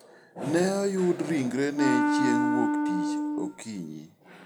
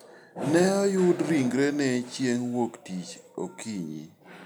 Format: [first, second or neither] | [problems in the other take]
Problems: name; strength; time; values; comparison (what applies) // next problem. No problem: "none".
second | background sound (Wind instrument, woodwind instrument); 3 dB above the speech